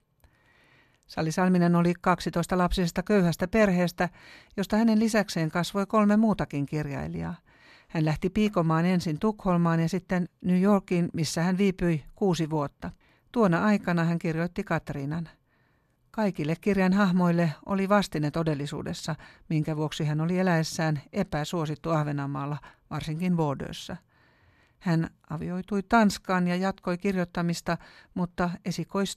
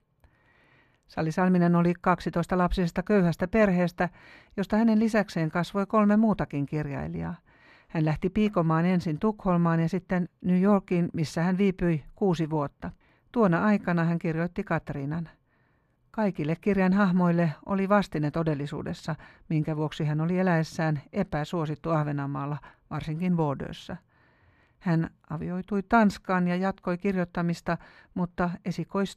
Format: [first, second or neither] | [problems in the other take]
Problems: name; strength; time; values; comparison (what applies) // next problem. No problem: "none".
first | muffled; very slightly; fading above 3.5 kHz